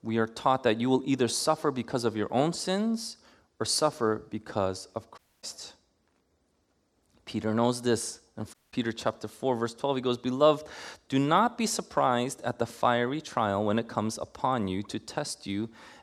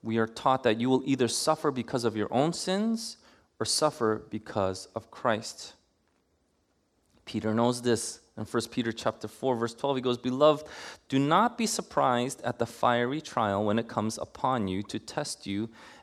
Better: second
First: audio cutting out; at 5 s and at 8.5 s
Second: none

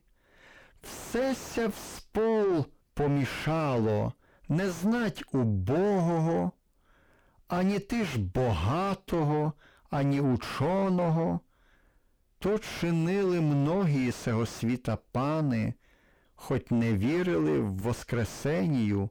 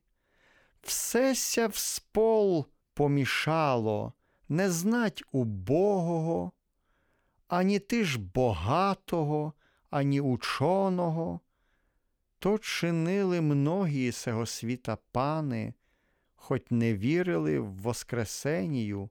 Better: second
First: distortion; heavy; 4 dB below the speech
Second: none

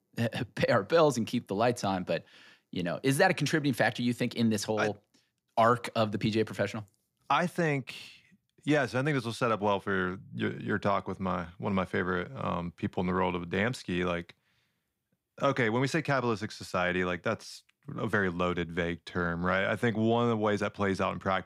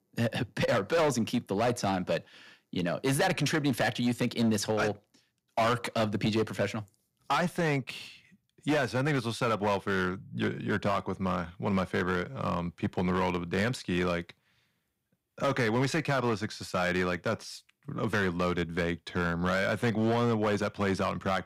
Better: first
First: none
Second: distortion; slight; 8% of the sound clipped

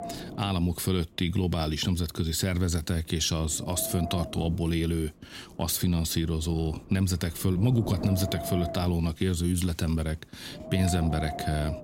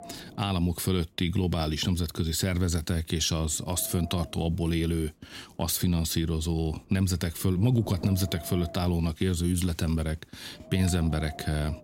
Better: second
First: wind noise on the microphone; heavy; 6 dB below the speech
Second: wind noise on the microphone; occasional gusts; 15 dB below the speech

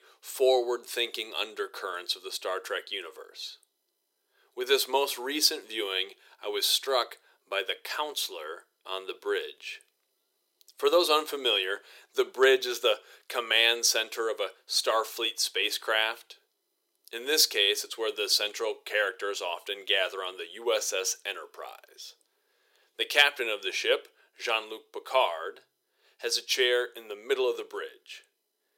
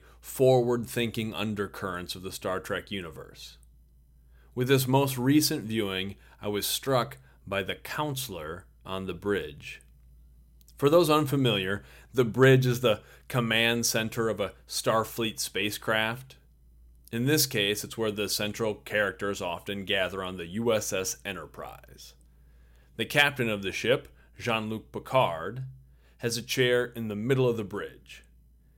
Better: second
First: thin; very; fading below 400 Hz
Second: none

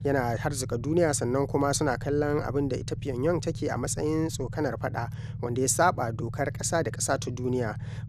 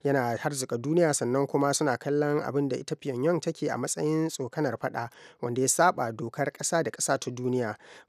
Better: second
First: low rumble; faint; throughout; 20 dB below the speech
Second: none

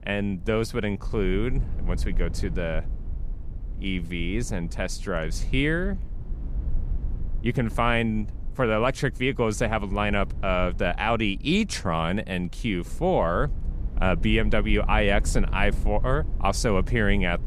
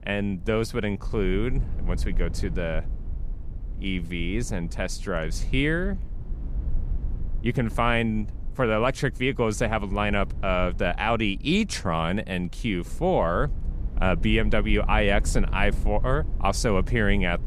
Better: neither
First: low rumble; faint; throughout; 20 dB below the speech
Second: low rumble; faint; throughout; 20 dB below the speech

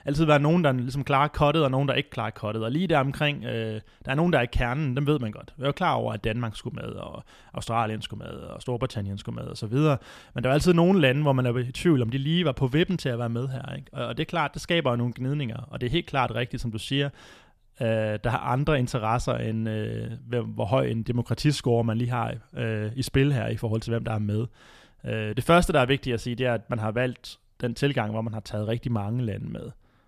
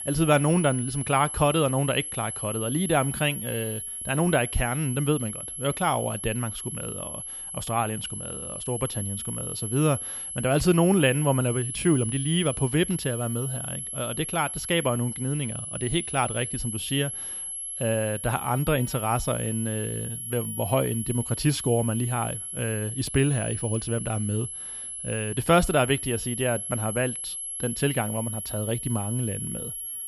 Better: first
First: none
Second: high-pitched whine; loud; throughout; 11 kHz, 5 dB below the speech

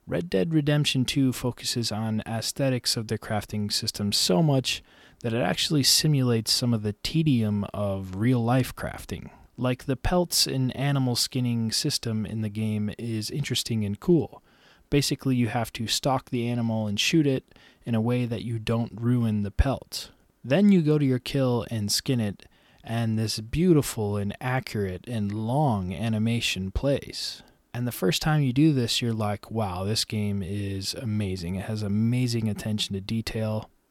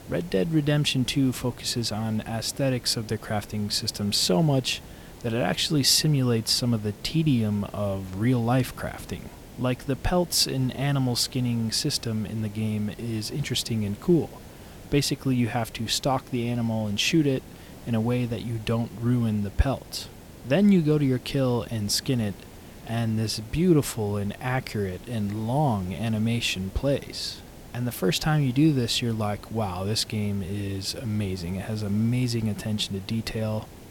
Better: first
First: none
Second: hiss; noticeable; throughout; 20 dB below the speech

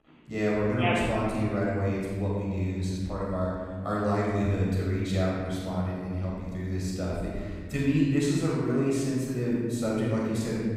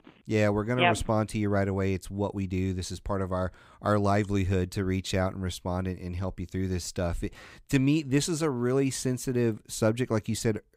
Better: second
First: off-mic speech; far // room echo; strong; dies away in 2 s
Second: none

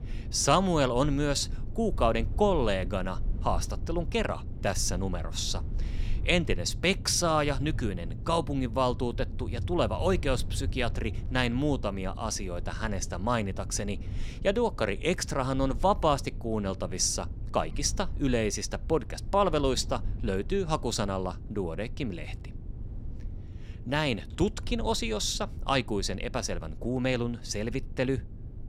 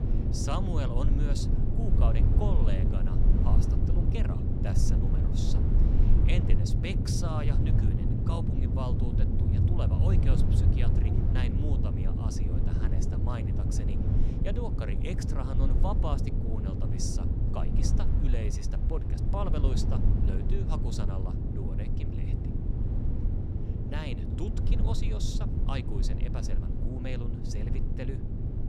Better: first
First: low rumble; faint; throughout; 20 dB below the speech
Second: low rumble; loud; throughout; as loud as the speech

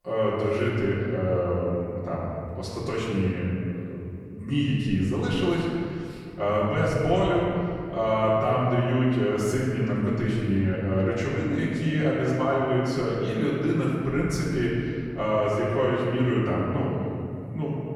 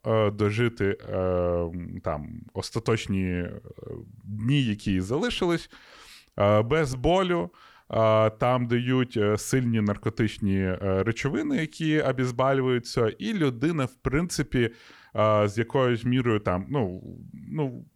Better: second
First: off-mic speech; far // room echo; strong; dies away in 2.6 s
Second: none

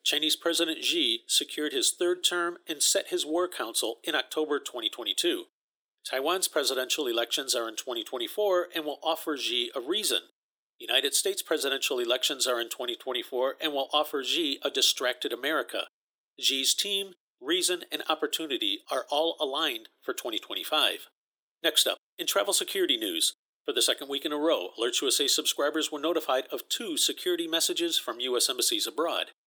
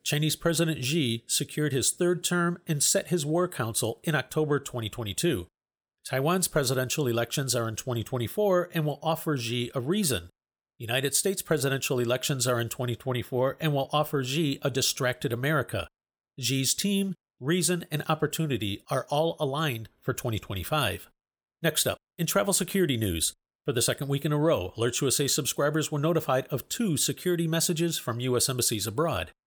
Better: second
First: thin; somewhat; fading below 300 Hz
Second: none

